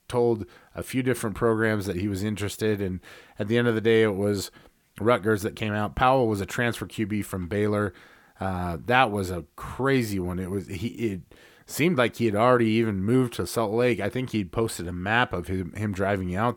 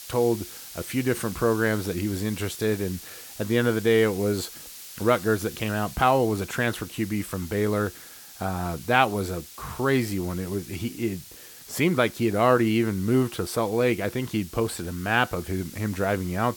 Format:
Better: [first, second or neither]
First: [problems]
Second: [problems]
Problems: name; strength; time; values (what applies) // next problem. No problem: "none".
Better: first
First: none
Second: hiss; noticeable; throughout; 15 dB below the speech